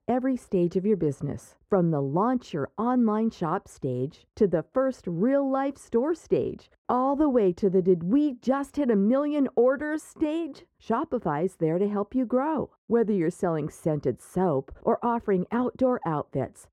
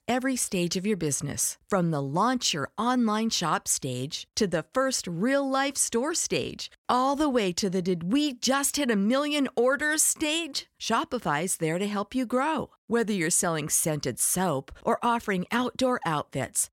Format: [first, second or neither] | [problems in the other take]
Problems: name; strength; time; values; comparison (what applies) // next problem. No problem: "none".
second | muffled; very; fading above 2 kHz